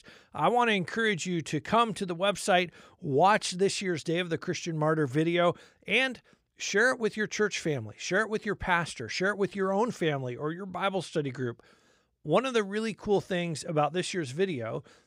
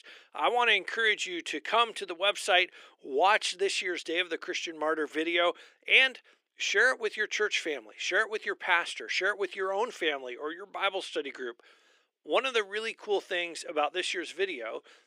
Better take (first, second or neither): first